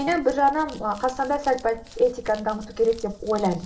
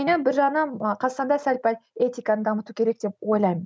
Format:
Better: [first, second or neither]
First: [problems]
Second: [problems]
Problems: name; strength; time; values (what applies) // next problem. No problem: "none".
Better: second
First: background sound (Crumpling, crinkling); 18 dB below the speech // room echo; dies away in 1.7 s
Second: none